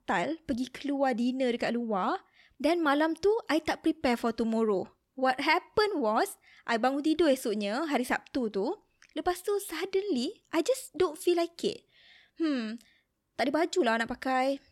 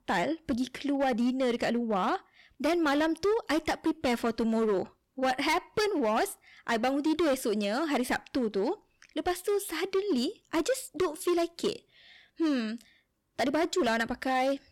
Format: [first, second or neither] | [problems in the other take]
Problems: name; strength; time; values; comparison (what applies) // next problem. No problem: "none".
first | distortion; slight; 10% of the sound clipped